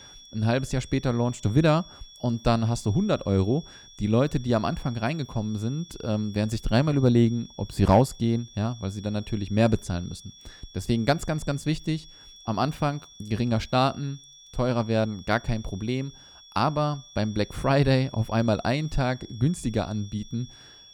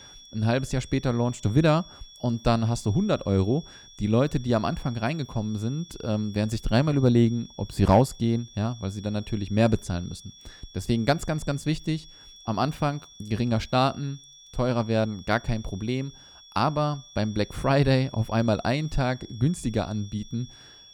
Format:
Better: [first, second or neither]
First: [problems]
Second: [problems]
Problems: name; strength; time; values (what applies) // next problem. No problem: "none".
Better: neither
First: high-pitched whine; faint; throughout; 3.5 kHz, 20 dB below the speech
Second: high-pitched whine; faint; throughout; 3.5 kHz, 20 dB below the speech